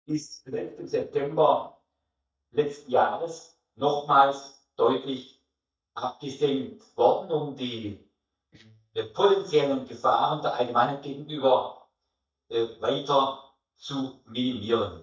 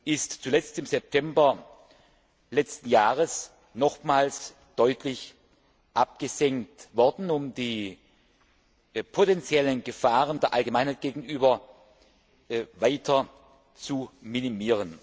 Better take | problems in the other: second | noise reduction (neural mask model DeepFilterNet 3)

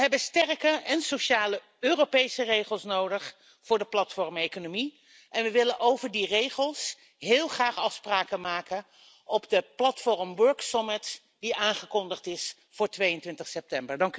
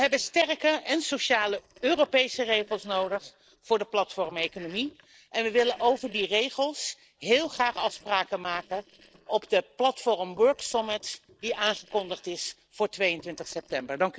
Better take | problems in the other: first | noise reduction (neural separator model SepFormer DNS4)

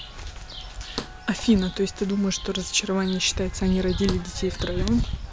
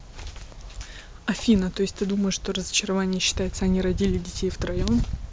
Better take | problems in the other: second | background sound (Thump, thud + Chirp, tweet); 15 dB below the speech

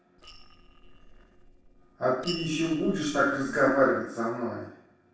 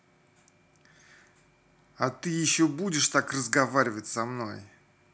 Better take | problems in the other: second | noise reduction (neural separator model SepFormer DNS4)

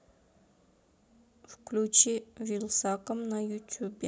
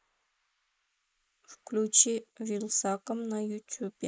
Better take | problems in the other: first | noise reduction (neural mask model Resemble Enhance denoiser)

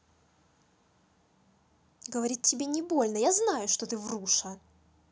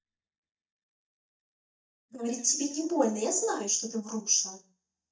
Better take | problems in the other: first | noise reduction (neural mask model DeepFilterNet 3)

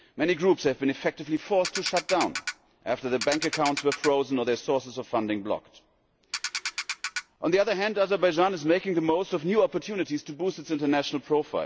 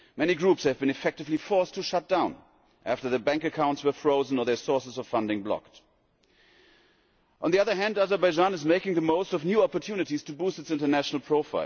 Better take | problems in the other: second | background sound (Ratchet, pawl); 7 dB below the speech

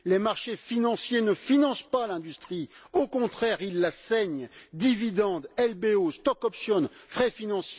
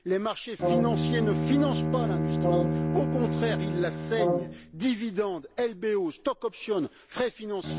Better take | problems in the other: first | background sound (Bowed string instrument + Brass instrument); 1 dB above the speech

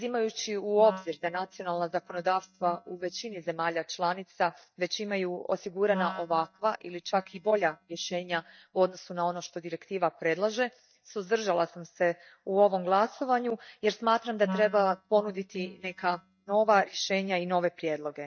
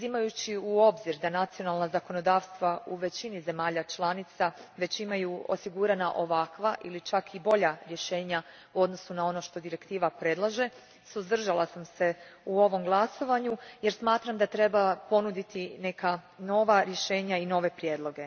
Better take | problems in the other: second | noise reduction (neural mask model DeepFilterNet 3)

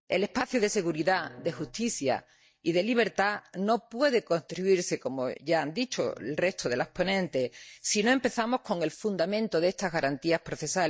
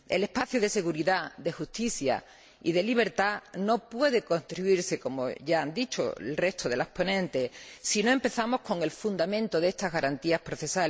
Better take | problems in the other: second | noise reduction (neural mask model DeepFilterNet 3)

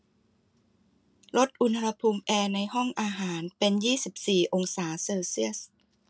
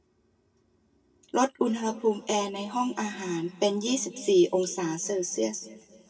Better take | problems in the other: first | room echo; dies away in 1.9 s

